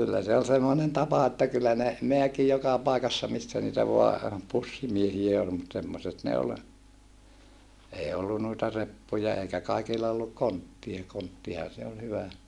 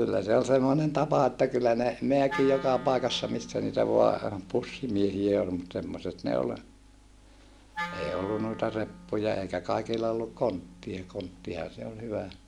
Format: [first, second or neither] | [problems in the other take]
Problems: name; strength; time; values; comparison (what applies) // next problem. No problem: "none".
first | background sound (Wind instrument, woodwind instrument); 17 dB below the speech